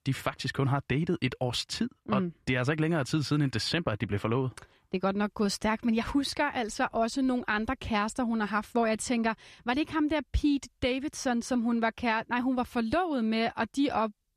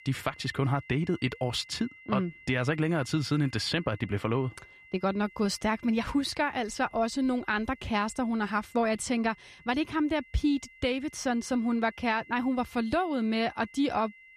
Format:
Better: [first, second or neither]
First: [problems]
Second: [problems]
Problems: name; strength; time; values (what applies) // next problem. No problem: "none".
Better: first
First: none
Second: high-pitched whine; faint; throughout; 2 kHz, 20 dB below the speech